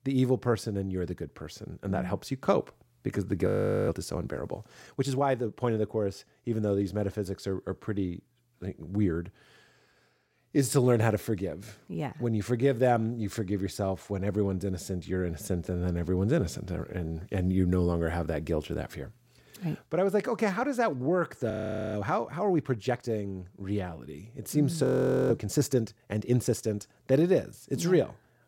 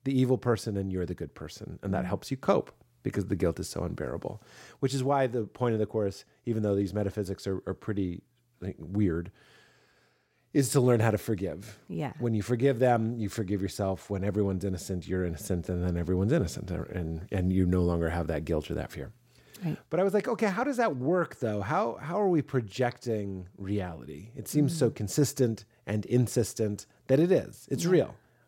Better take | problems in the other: second | audio freezing; at 3.5 s, at 22 s and at 25 s

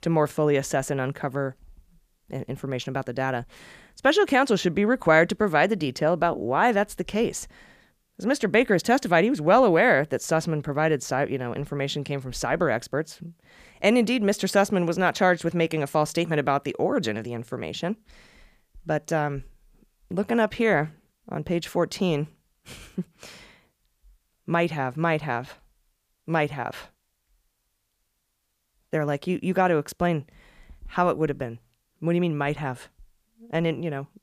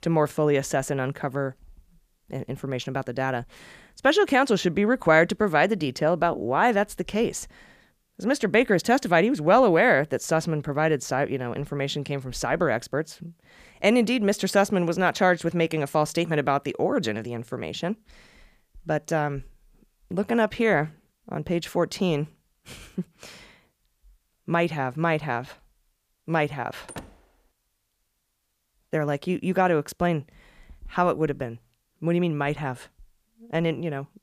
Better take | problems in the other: first | door banging; faint; at 27 s; peak 15 dB below the speech

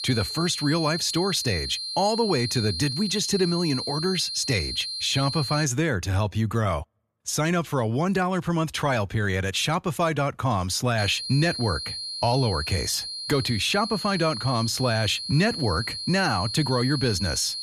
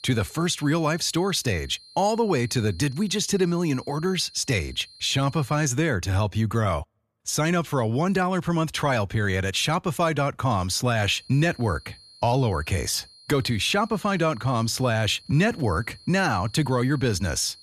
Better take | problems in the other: second | high-pitched whine; loud; until 5.5 s and from 11 s on; 4 kHz, 5 dB below the speech; faint in the second

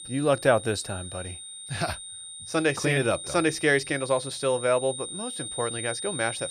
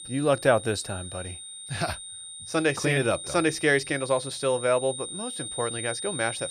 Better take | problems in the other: neither | high-pitched whine; loud; throughout; 9 kHz, 9 dB below the speech; the same in both

